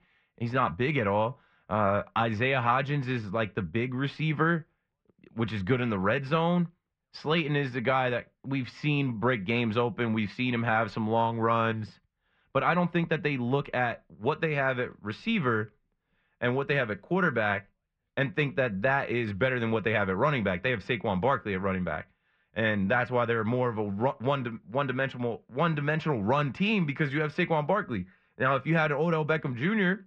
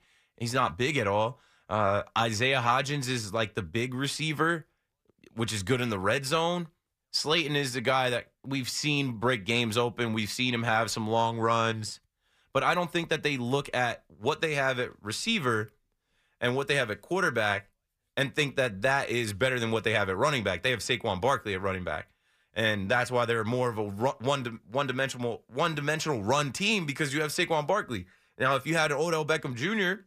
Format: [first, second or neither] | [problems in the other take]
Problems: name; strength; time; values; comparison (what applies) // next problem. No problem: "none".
second | muffled; very; fading above 2.5 kHz